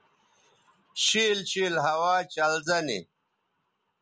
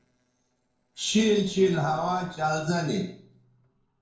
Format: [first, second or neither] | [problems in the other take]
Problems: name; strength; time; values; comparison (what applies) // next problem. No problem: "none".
first | noise reduction (neural separator model SepFormer DNS4)